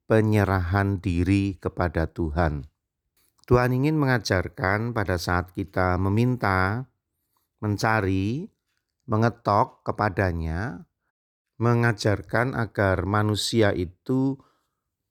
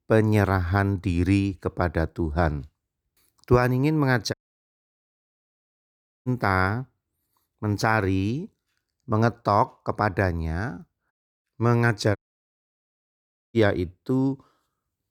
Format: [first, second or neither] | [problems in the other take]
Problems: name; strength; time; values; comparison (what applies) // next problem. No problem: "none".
first | audio cutting out; at 4.5 s for 2 s and at 12 s for 1.5 s